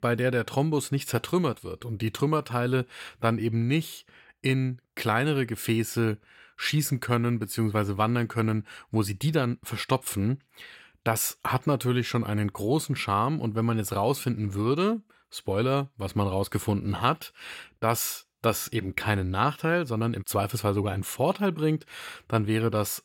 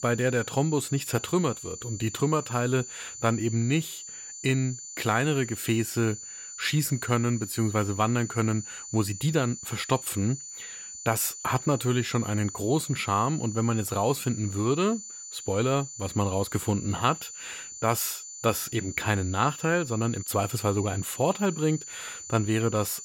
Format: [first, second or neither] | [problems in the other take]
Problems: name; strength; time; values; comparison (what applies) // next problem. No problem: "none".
first | high-pitched whine; noticeable; throughout; 7 kHz, 10 dB below the speech